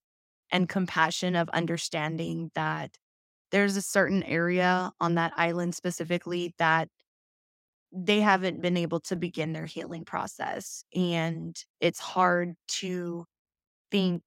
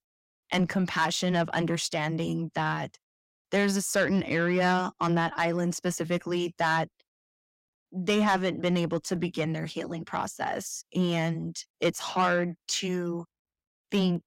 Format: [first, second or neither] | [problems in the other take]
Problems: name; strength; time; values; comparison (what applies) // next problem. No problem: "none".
first | distortion; slight; 10 dB below the speech